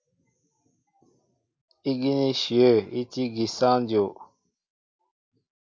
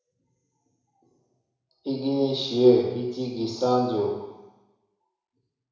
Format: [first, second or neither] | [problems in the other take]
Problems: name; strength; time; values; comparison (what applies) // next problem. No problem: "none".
first | room echo; dies away in 1 s